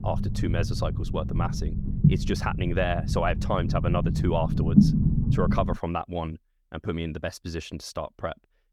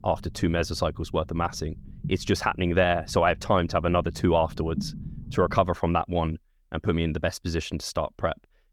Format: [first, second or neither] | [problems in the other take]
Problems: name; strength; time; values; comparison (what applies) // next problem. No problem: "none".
second | low rumble; loud; until 6 s; 5 dB below the speech; faint in the second